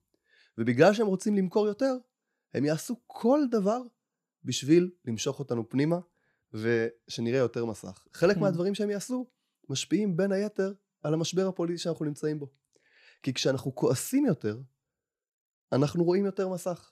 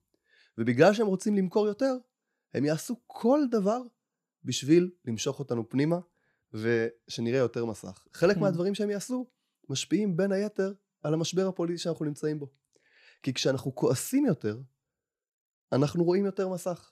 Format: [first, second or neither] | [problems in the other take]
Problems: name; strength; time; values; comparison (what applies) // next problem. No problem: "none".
neither | none